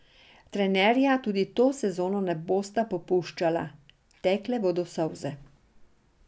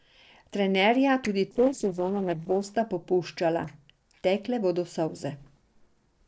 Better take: first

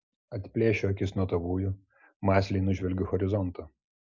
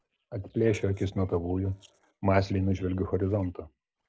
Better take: first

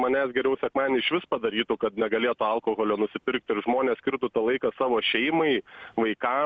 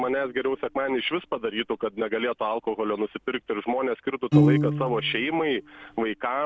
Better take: first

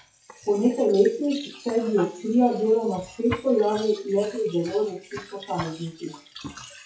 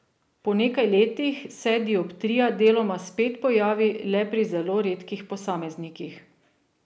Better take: second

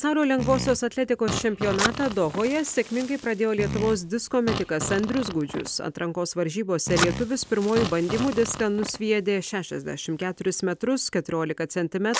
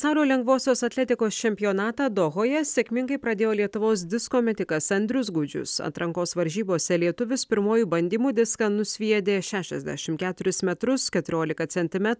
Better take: second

